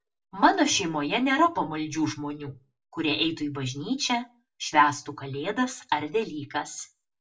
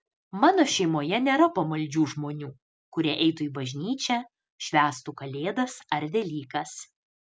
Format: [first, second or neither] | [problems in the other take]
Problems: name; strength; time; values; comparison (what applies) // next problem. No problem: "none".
second | room echo; dies away in 0.2 s